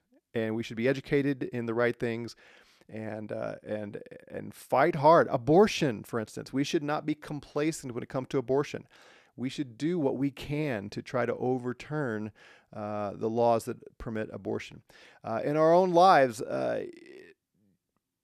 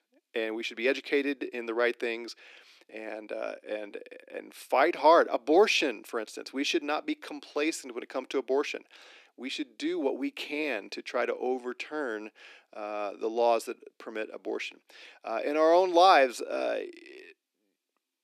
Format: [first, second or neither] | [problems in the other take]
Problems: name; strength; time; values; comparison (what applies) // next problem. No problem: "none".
first | thin; very slightly; fading below 300 Hz